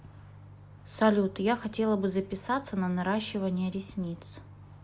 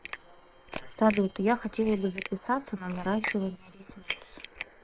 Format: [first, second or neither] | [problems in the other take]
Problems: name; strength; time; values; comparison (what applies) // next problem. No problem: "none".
first | noise reduction (neural separator model SepFormer WHAM!)